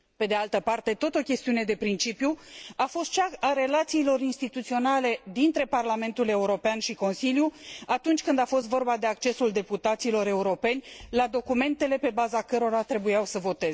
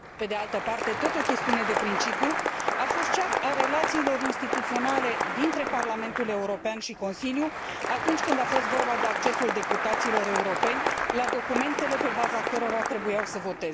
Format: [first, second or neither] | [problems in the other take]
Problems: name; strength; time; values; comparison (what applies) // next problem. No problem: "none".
first | background sound (Applause); 1 dB above the speech